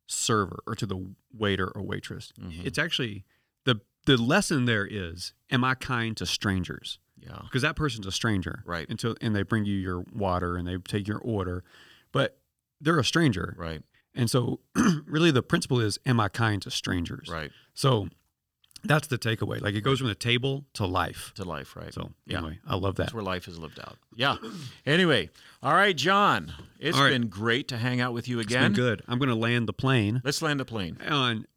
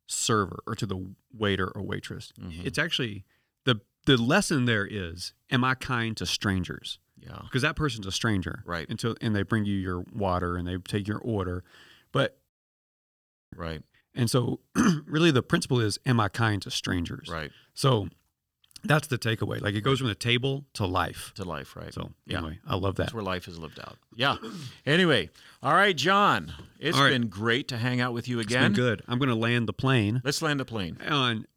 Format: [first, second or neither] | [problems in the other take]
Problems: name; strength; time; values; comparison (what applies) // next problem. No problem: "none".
first | audio cutting out; at 12 s for 1 s